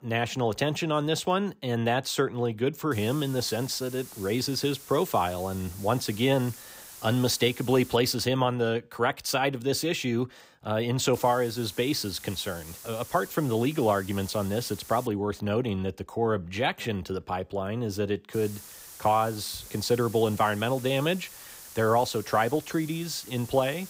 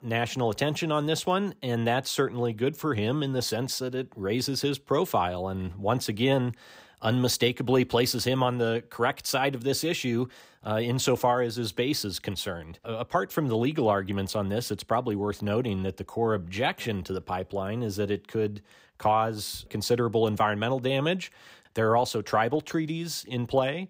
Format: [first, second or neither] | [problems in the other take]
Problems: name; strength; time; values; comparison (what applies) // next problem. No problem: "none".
second | hiss; noticeable; from 3 to 8 s, from 11 to 15 s and from 18 s on; 15 dB below the speech